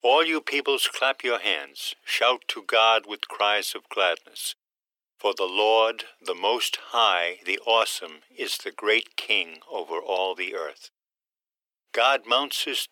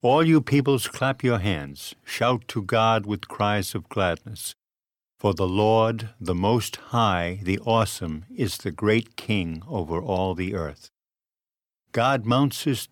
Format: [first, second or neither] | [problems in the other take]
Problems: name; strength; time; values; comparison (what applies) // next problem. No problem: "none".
second | thin; very; fading below 400 Hz